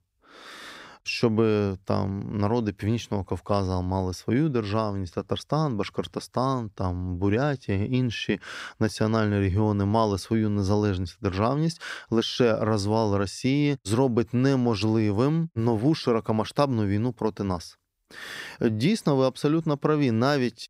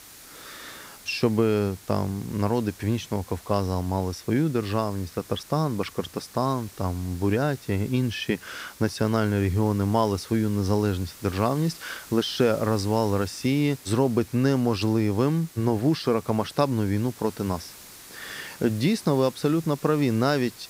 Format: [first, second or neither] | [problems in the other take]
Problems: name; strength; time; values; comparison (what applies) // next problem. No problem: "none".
first | hiss; noticeable; throughout; 20 dB below the speech